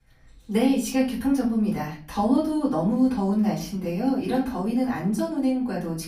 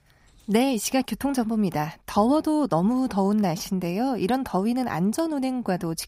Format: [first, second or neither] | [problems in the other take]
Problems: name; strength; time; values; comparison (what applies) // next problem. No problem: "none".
second | off-mic speech; far // room echo; slight; dies away in 0.3 s